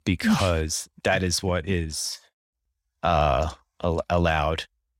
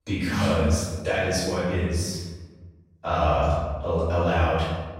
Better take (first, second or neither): first